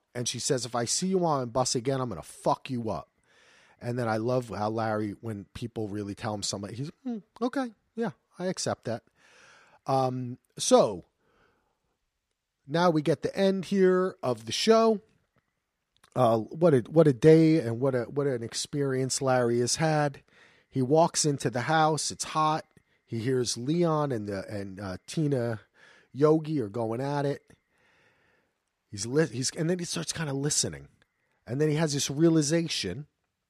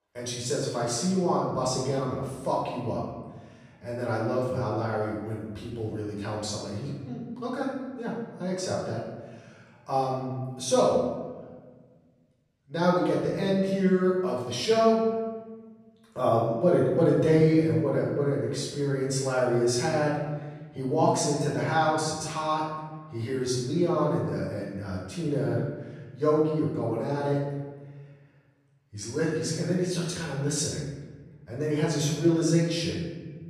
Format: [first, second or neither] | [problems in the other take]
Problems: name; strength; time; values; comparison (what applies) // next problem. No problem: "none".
first | off-mic speech; far // room echo; noticeable; dies away in 1.2 s